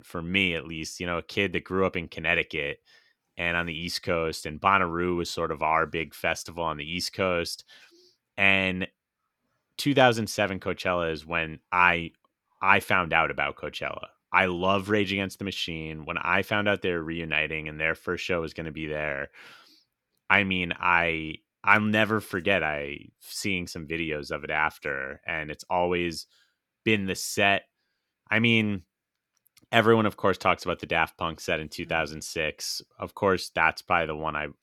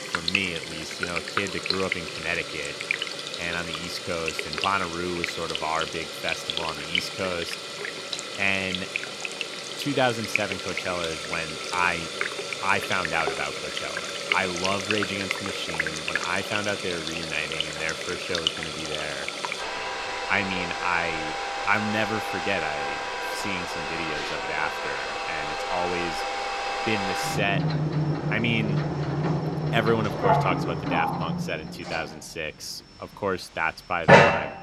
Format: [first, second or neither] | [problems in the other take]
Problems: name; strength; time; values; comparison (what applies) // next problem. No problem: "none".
first | household noises; very loud; throughout; 2 dB above the speech